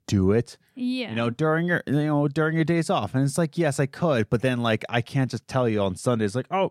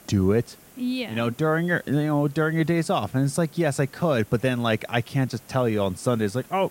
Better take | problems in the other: first | hiss; faint; throughout; 25 dB below the speech

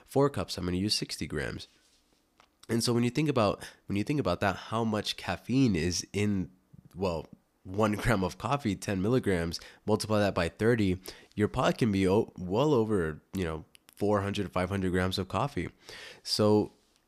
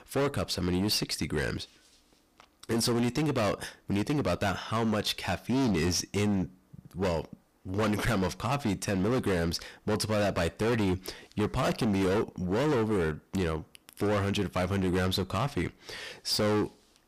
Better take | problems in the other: first | distortion; heavy; 20% of the sound clipped

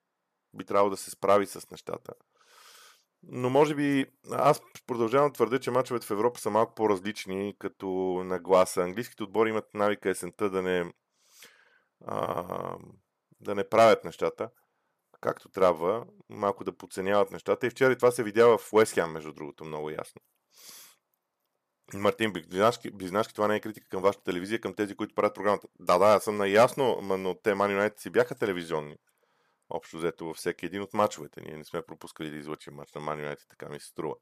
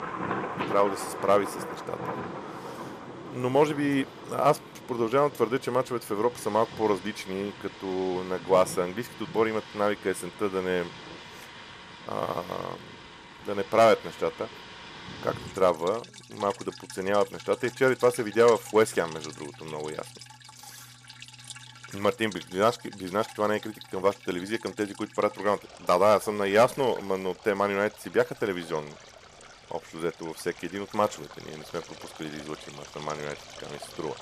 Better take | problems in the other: first | rain or running water; noticeable; throughout; 15 dB below the speech

